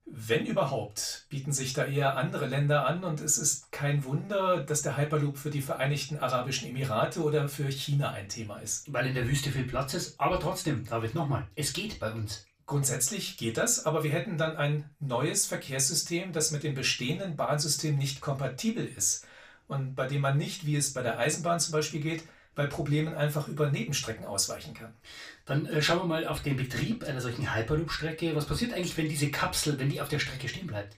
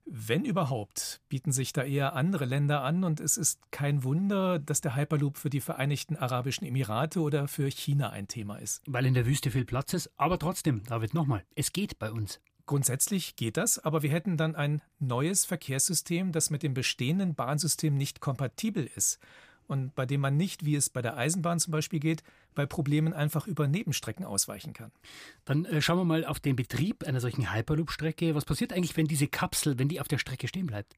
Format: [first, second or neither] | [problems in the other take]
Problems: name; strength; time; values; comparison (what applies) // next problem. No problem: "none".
second | room echo; very slight; dies away in 0.3 s // off-mic speech; far